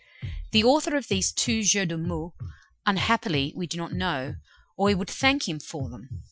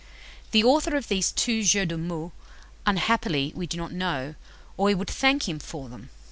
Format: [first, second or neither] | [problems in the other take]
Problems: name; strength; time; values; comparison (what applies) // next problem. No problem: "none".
second | noise reduction (classical method Wiener filter)